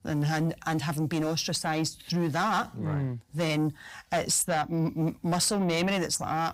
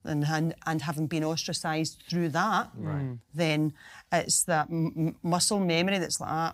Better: second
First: distortion; slight; 10 dB below the speech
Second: none

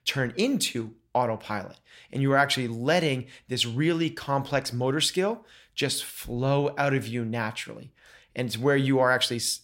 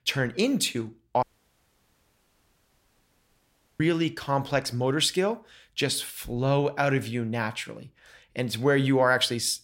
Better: first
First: none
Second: audio cutting out; at 1 s for 2.5 s

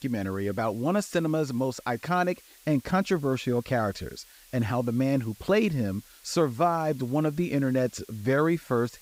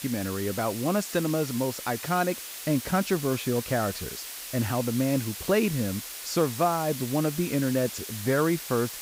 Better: first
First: hiss; faint; throughout; 25 dB below the speech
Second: hiss; loud; throughout; 8 dB below the speech

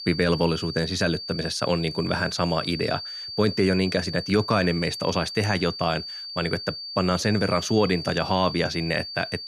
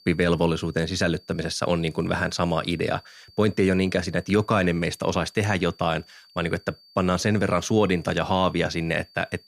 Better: second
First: high-pitched whine; loud; throughout; 4.5 kHz, 8 dB below the speech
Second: high-pitched whine; faint; throughout; 4.5 kHz, 25 dB below the speech

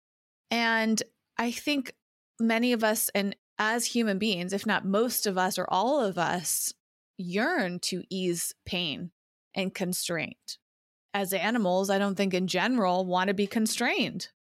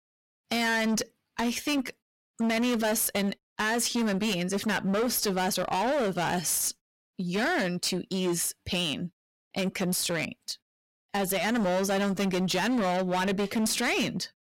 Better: first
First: none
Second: distortion; heavy; 20% of the sound clipped

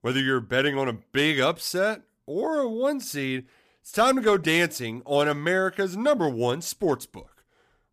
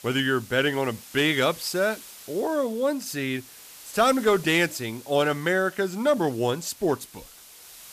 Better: first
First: none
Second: hiss; noticeable; throughout; 20 dB below the speech

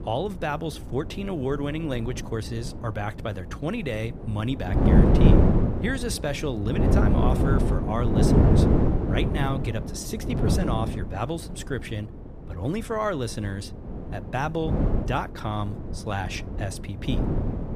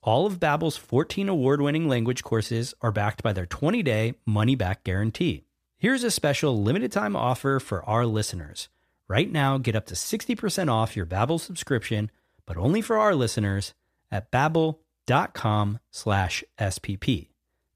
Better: second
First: wind noise on the microphone; heavy; 1 dB above the speech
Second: none

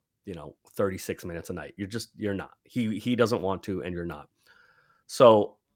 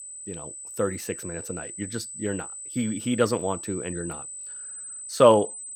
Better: first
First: none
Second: high-pitched whine; loud; throughout; 8 kHz, 10 dB below the speech

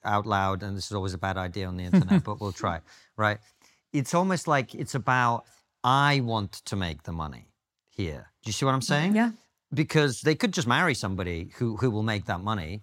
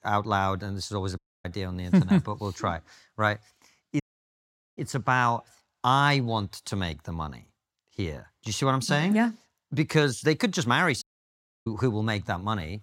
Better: first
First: none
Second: audio cutting out; at 1 s, at 4 s for 1 s and at 11 s for 0.5 s

